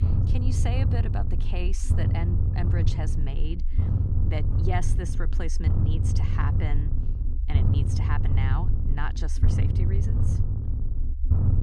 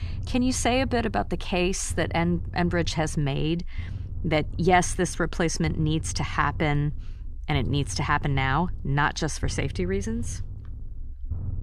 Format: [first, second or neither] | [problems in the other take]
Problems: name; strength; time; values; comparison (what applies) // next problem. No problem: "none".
second | low rumble; loud; throughout; 2 dB below the speech; faint in the second